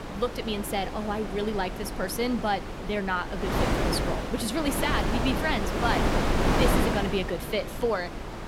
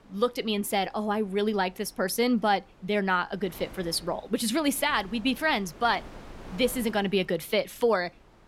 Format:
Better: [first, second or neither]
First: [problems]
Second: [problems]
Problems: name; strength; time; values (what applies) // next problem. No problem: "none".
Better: second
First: wind noise on the microphone; heavy; 1 dB below the speech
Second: wind noise on the microphone; occasional gusts; 25 dB below the speech